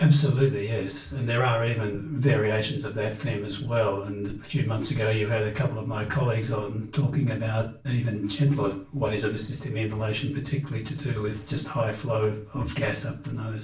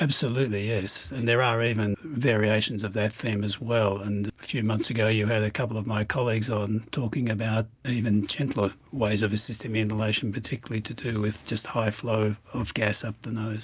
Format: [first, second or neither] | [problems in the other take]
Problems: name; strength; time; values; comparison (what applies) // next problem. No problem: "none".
second | room echo; dies away in 0.3 s